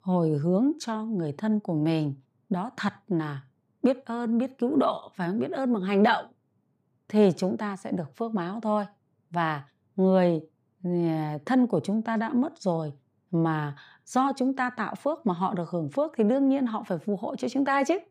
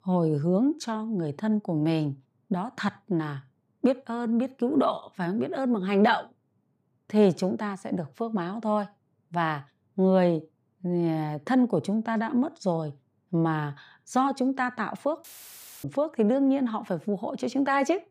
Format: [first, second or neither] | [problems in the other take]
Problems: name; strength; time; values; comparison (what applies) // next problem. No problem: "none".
first | audio cutting out; filled with static; at 15 s for 0.5 s